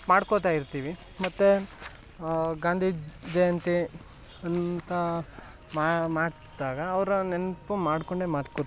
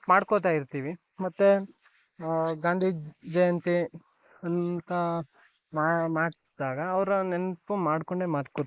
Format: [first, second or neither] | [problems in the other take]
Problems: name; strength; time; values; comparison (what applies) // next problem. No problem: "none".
first | noise reduction (neural mask model Resemble Enhance denoiser)